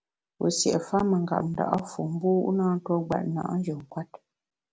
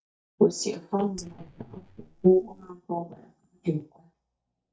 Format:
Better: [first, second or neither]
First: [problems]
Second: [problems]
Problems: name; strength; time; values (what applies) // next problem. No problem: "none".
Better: first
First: none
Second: noise reduction (neural mask model DeepFilterNet 3)